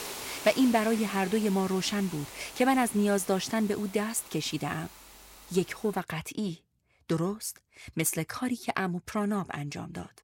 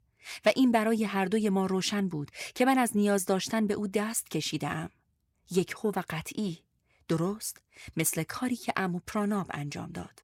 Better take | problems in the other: second | hiss; noticeable; until 6 s; 15 dB below the speech

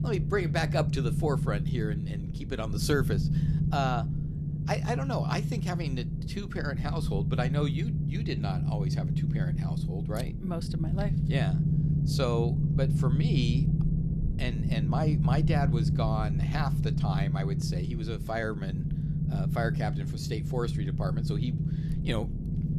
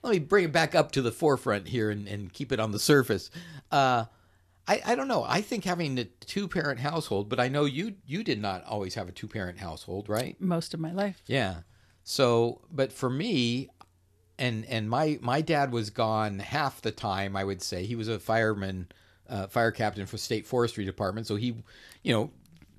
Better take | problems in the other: second | low rumble; loud; throughout; 4 dB below the speech

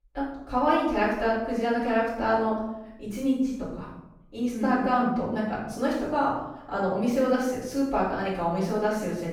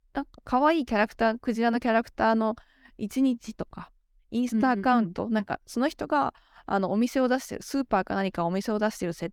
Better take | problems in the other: second | off-mic speech; far // room echo; noticeable; dies away in 0.8 s

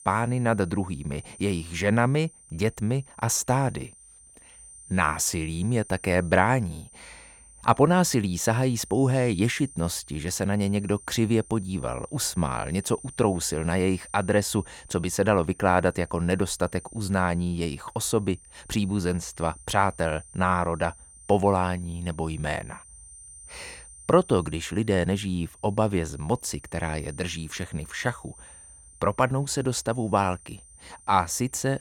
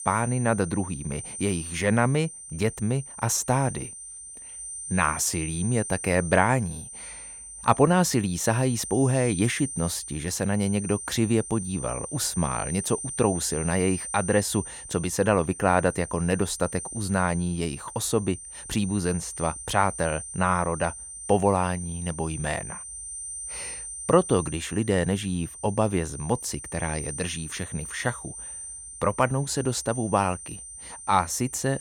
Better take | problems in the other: first | high-pitched whine; loud; throughout; 9 kHz, 9 dB below the speech; faint in the first

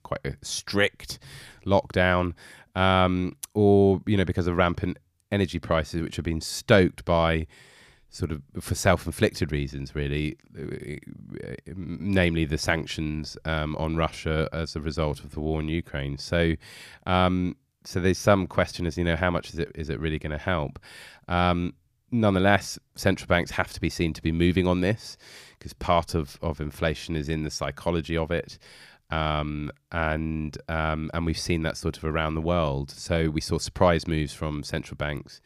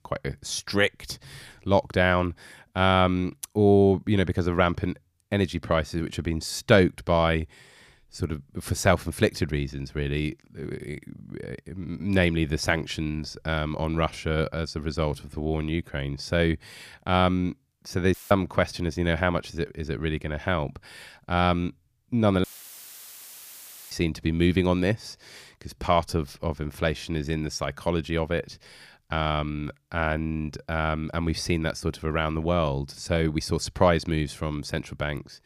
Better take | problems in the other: first | audio cutting out; filled with static; at 18 s and at 22 s for 1.5 s

